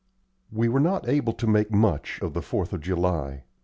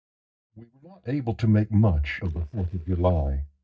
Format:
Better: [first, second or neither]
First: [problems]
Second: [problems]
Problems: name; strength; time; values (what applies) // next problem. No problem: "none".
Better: first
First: none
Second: noise reduction (neural mask model DeepFilterNet 3)